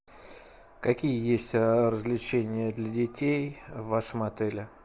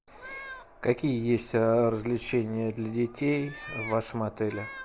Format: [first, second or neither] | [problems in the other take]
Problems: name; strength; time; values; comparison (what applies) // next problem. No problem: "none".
first | background sound (Meow); 17 dB below the speech